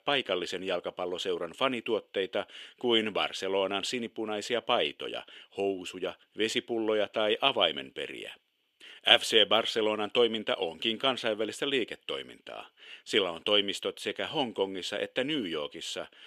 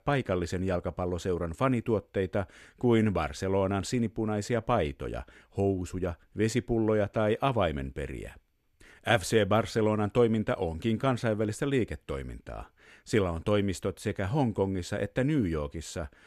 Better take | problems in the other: second | thin; somewhat; fading below 400 Hz

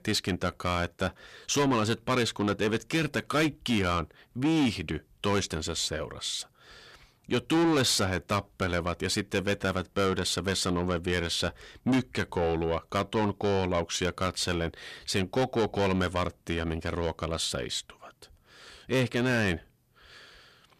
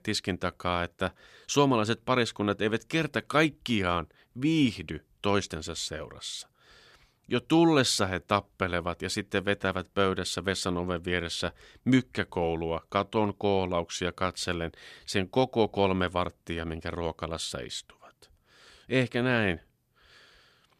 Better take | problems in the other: second | distortion; heavy; 7 dB below the speech

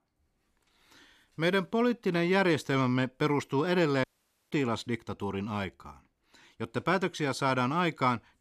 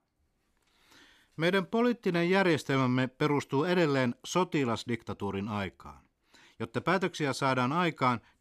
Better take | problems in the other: second | audio cutting out; at 4 s

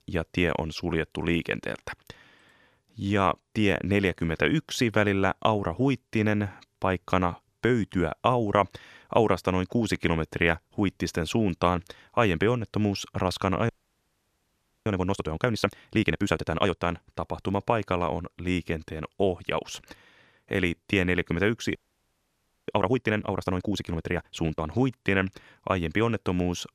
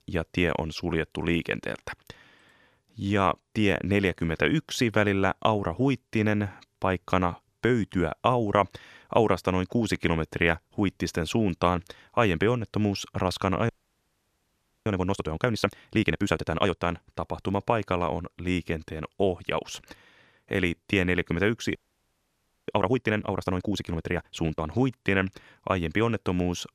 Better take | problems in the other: neither | audio freezing; at 14 s for 1 s and at 22 s for 1 s; the same in both

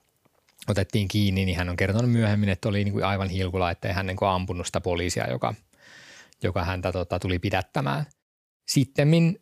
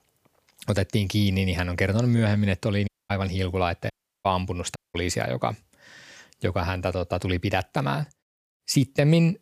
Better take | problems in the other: first | audio cutting out; at 3 s, at 4 s and at 5 s

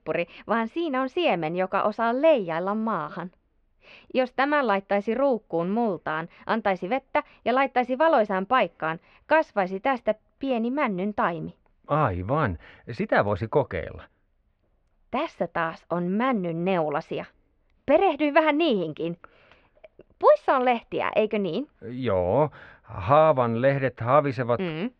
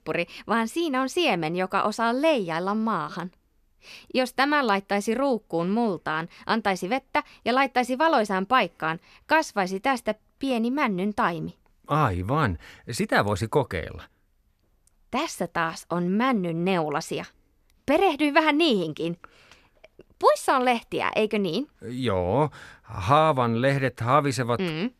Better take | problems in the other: second | muffled; very; fading above 3 kHz

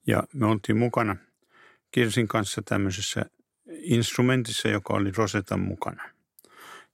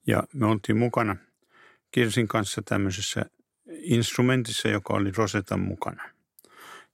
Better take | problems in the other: neither | none

